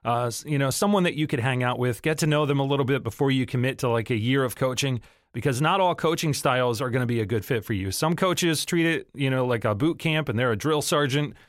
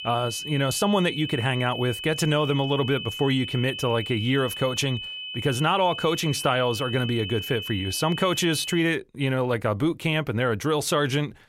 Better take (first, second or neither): first